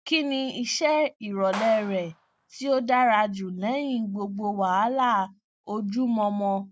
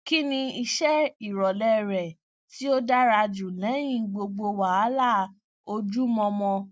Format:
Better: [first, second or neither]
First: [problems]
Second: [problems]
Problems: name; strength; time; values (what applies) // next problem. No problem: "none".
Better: second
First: background sound (Clapping); 13 dB below the speech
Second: none